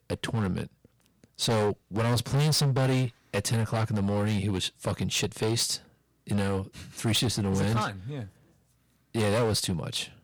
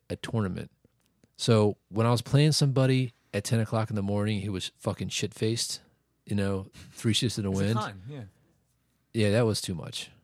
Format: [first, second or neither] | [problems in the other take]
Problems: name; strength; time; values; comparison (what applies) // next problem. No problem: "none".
second | distortion; heavy; 13% of the sound clipped